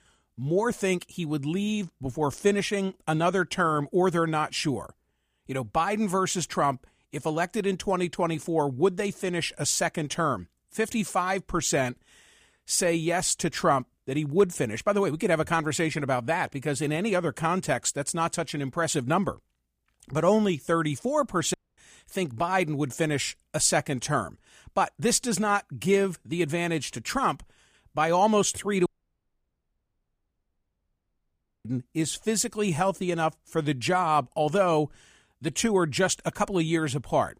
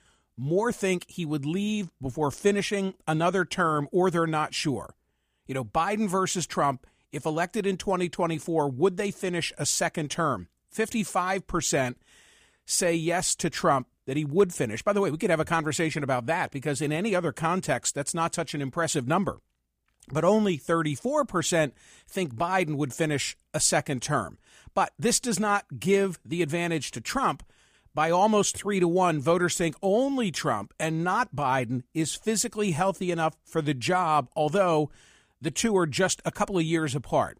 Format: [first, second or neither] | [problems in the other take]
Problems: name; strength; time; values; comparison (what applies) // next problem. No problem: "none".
second | audio cutting out; at 22 s and at 29 s for 3 s